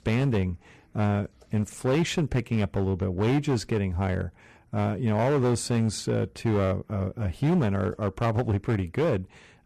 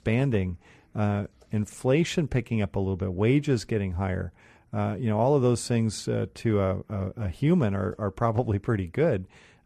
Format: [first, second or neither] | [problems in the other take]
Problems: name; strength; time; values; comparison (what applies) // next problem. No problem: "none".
second | distortion; slight; 10% of the sound clipped